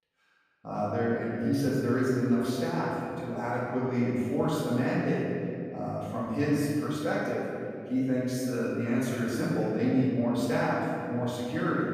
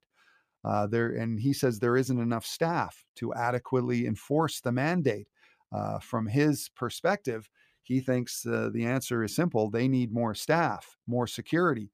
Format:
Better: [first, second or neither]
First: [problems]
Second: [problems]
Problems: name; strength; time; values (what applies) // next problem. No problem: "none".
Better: second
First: off-mic speech; far // room echo; strong; dies away in 2.4 s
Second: none